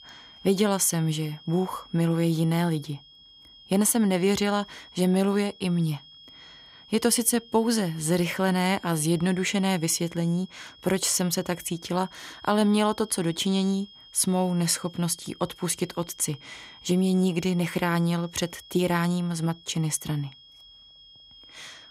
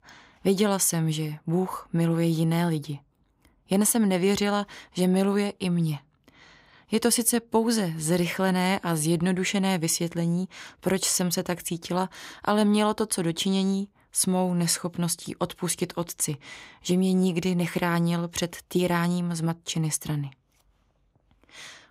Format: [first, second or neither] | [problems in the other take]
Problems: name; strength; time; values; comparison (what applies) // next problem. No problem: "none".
second | high-pitched whine; faint; throughout; 3.5 kHz, 20 dB below the speech